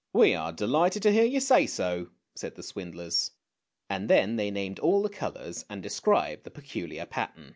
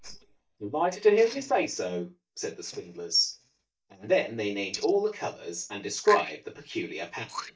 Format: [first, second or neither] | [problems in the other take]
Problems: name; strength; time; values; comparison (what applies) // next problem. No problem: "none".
first | noise reduction (neural mask model DeepFilterNet 3)